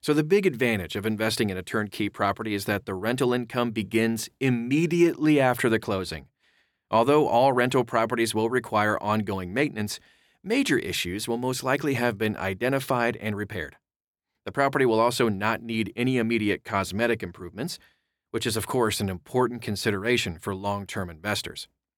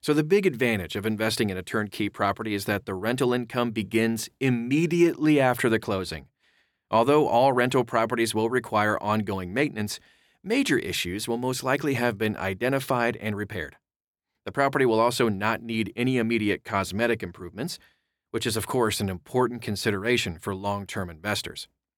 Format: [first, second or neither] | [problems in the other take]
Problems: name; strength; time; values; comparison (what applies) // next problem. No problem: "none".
neither | none